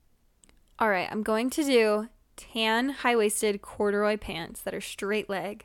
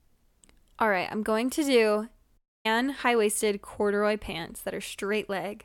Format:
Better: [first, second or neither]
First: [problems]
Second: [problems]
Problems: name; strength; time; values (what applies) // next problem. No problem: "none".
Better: first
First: none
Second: audio cutting out; at 2.5 s